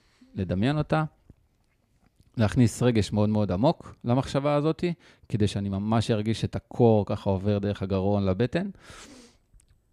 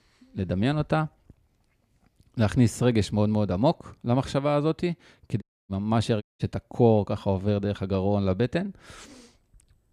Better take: first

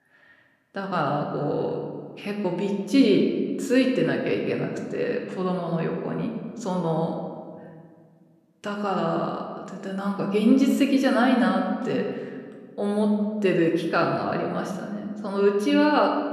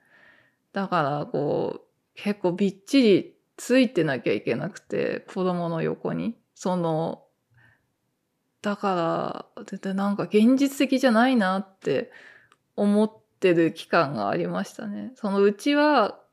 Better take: second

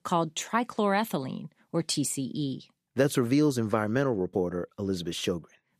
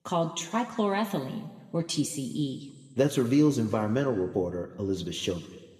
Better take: first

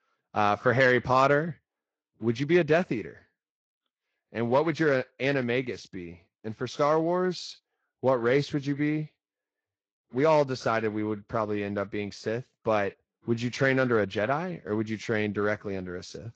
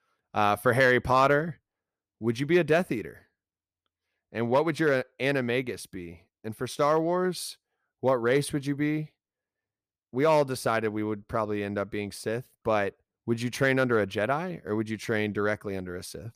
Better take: second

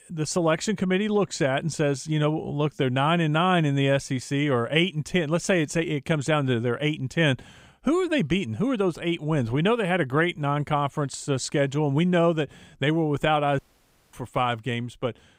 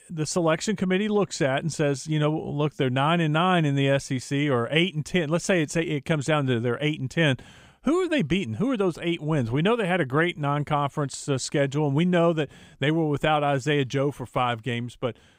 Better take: second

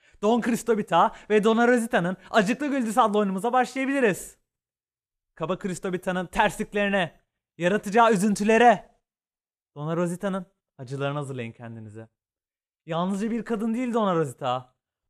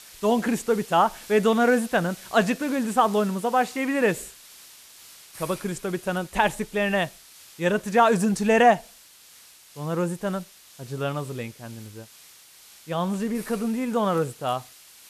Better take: first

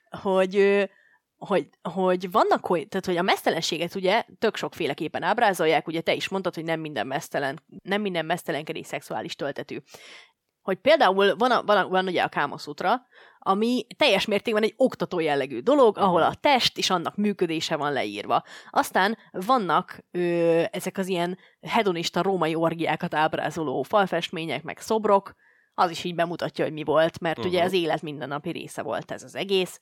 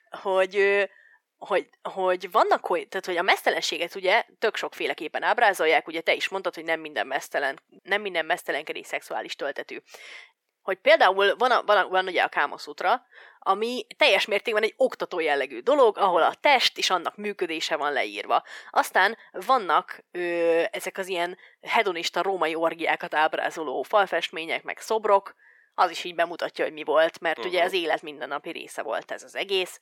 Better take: first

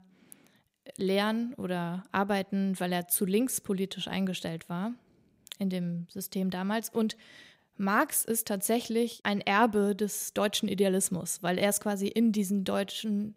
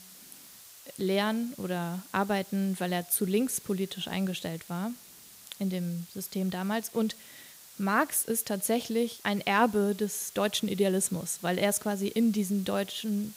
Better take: first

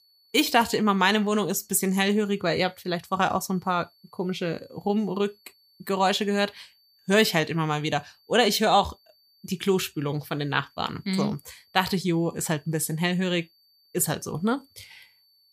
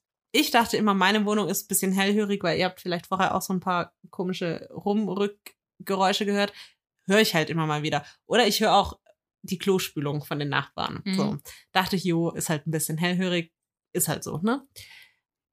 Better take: second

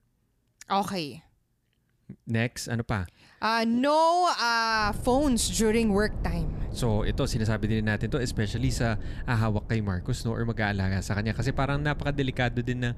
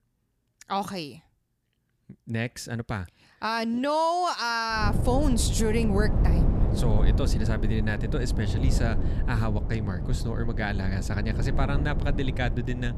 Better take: first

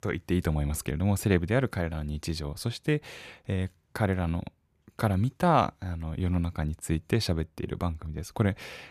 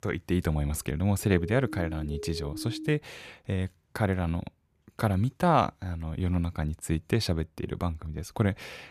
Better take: first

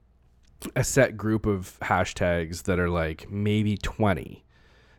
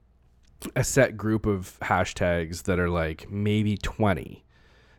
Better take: neither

